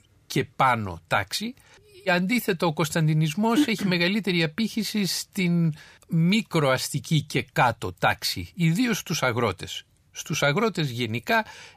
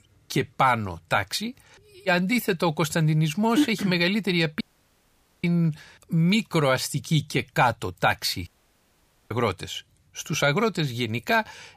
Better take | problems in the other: first | audio cutting out; at 4.5 s for 1 s and at 8.5 s for 1 s

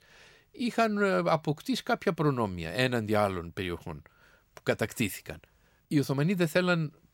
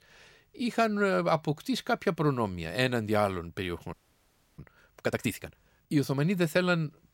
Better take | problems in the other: first | audio freezing; at 4 s for 0.5 s

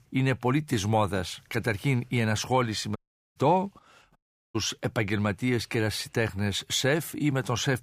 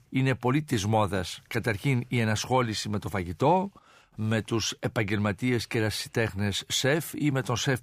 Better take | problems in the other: second | audio cutting out; at 3 s and at 4 s

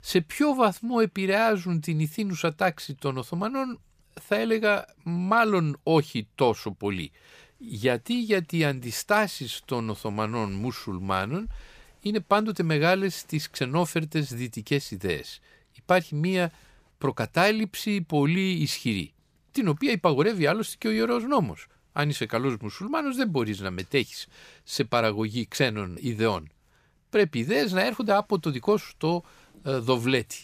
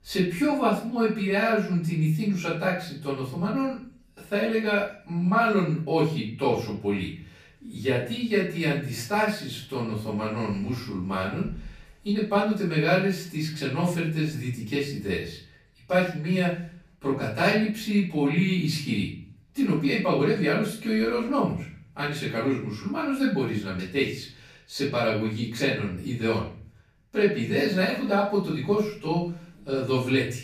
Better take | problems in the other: first | off-mic speech; far // room echo; noticeable; dies away in 0.5 s

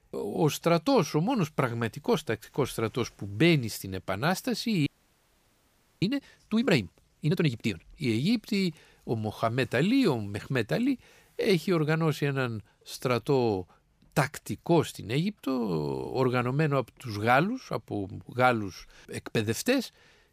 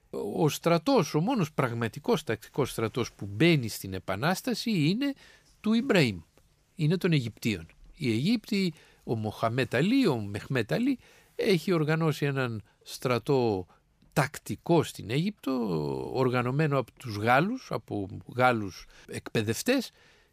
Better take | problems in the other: second | audio freezing; at 5 s for 1 s

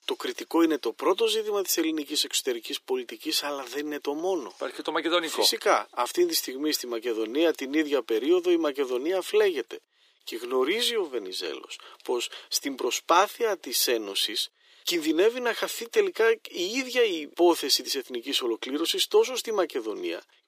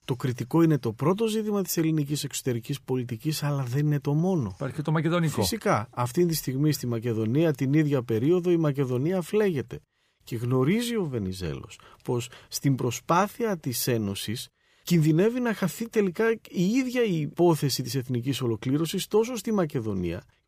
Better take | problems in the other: second | thin; very; fading below 300 Hz

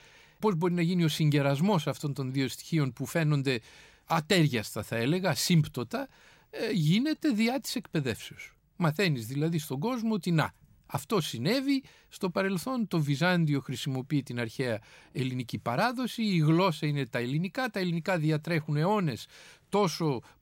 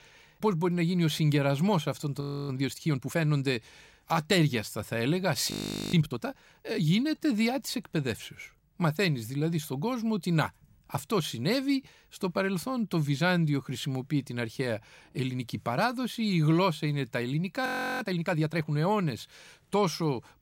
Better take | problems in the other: first | audio freezing; at 2 s, at 5.5 s and at 18 s

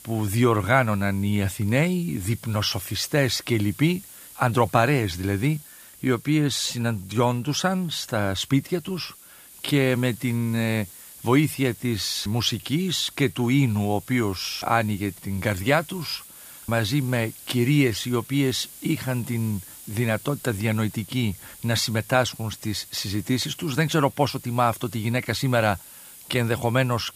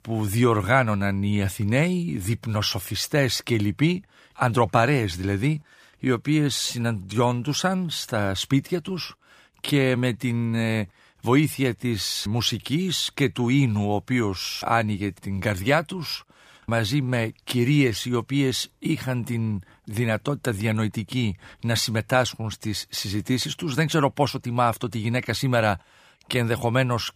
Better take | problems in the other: second | hiss; noticeable; throughout; 20 dB below the speech

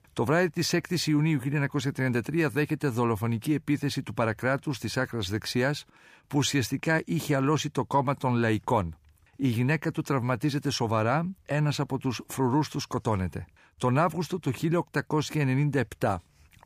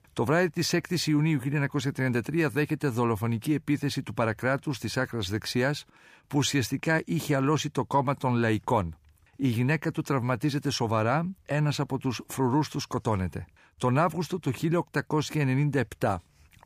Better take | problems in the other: neither | none

